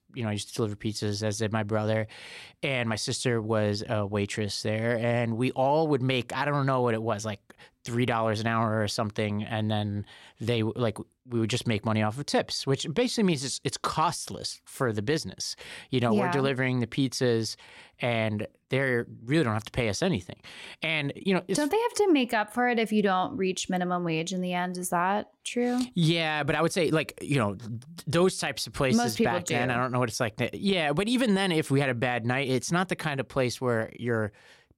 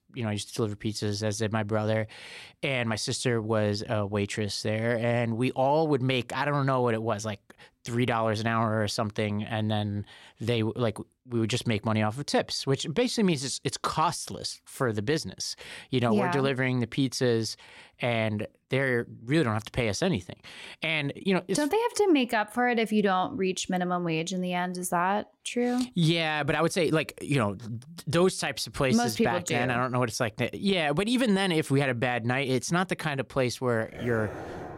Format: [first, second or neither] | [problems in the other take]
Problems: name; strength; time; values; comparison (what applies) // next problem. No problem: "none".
first | dog barking; faint; at 34 s; peak 10 dB below the speech